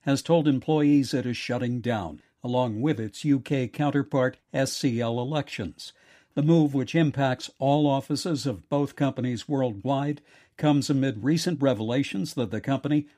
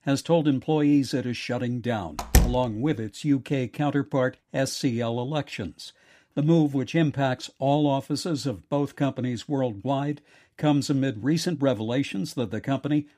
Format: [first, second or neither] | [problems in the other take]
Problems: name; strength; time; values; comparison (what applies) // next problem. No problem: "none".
first | door banging; loud; at 2 s; peak 3 dB above the speech